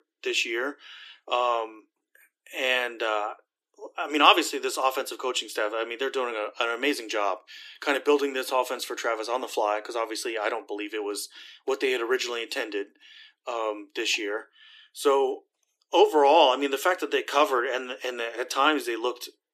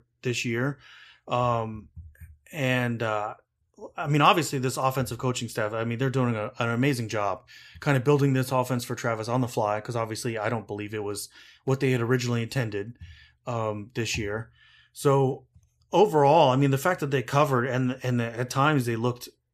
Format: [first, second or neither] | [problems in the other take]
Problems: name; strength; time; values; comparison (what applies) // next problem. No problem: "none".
second | thin; somewhat; fading below 300 Hz